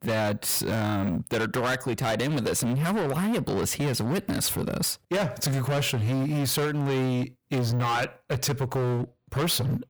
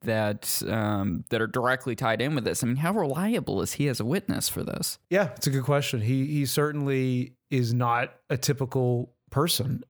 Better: second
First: distortion; heavy; 30% of the sound clipped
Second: none

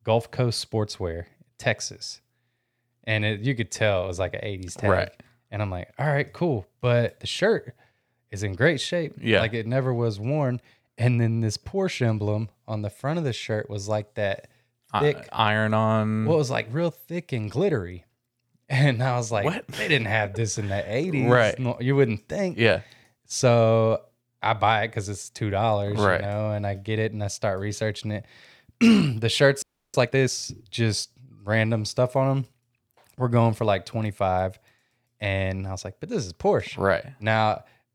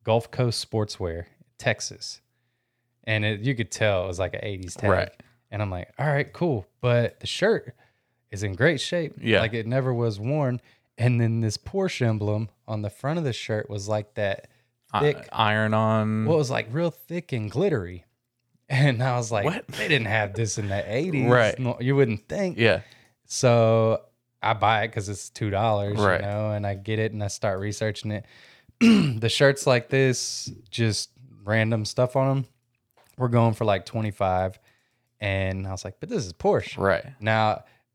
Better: second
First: audio freezing; at 30 s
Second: none

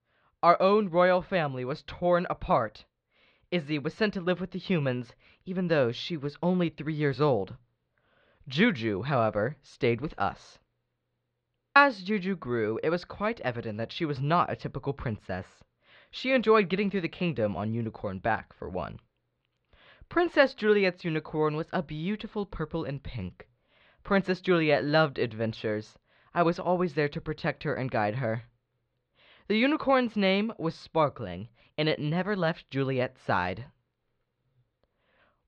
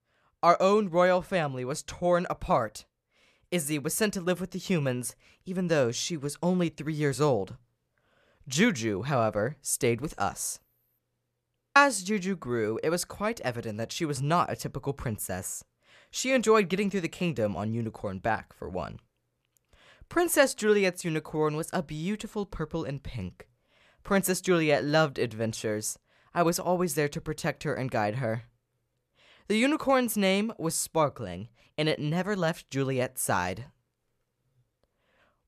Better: second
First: muffled; slightly; fading above 4 kHz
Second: none

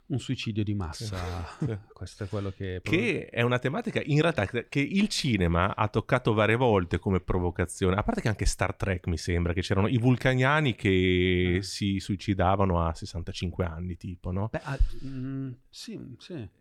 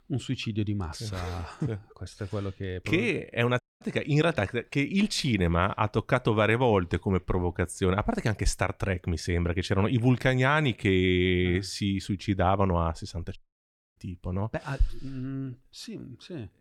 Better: first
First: none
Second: audio cutting out; at 3.5 s and at 13 s for 0.5 s

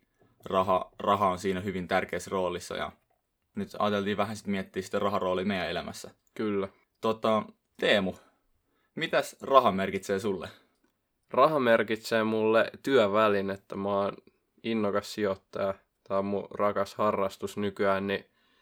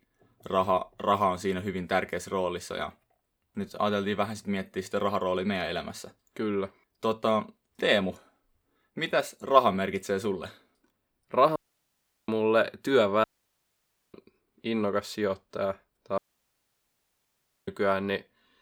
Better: first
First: none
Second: audio cutting out; at 12 s for 0.5 s, at 13 s for 1 s and at 16 s for 1.5 s

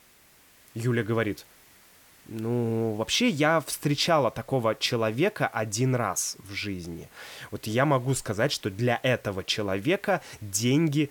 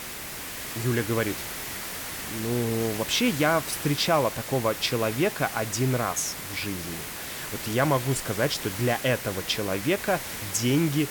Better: first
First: hiss; faint; throughout; 30 dB below the speech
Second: hiss; loud; throughout; 7 dB below the speech

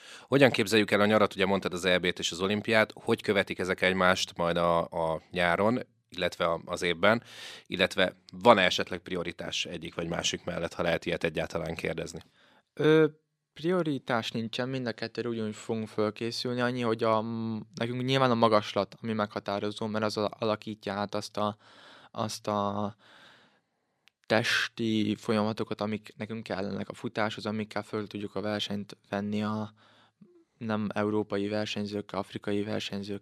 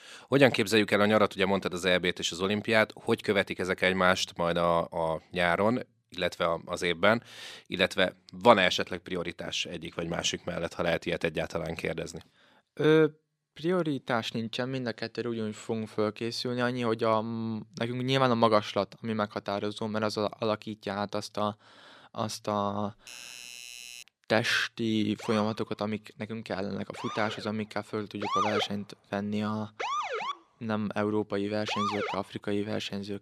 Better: first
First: none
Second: doorbell; faint; from 23 to 24 s; peak 15 dB below the speech // siren; loud; from 25 to 32 s; peak 1 dB above the speech

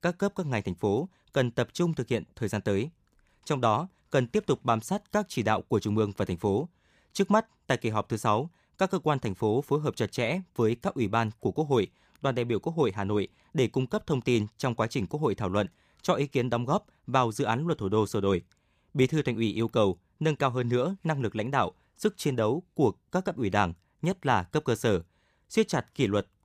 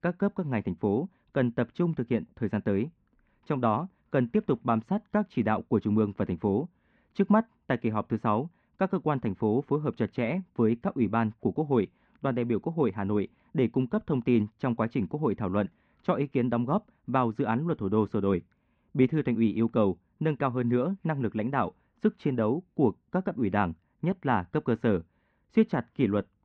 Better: first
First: none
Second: muffled; very; fading above 2.5 kHz

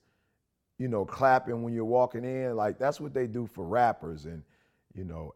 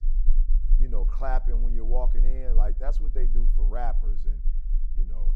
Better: first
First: none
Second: low rumble; noticeable; throughout; 20 dB below the speech

